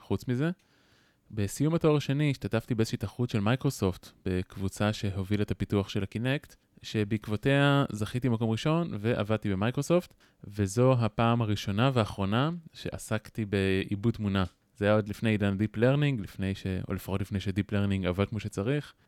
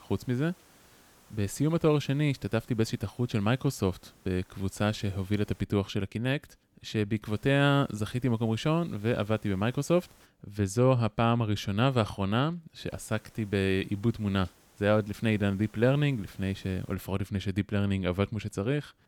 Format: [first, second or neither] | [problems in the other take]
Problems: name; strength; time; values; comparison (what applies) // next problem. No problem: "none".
first | hiss; faint; until 5.5 s, from 7.5 to 10 s and from 13 to 17 s; 30 dB below the speech